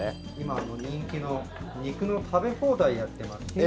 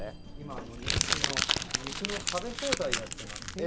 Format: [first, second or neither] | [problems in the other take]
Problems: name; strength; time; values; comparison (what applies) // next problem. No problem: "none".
first | background sound (Crumpling, crinkling); 5 dB above the speech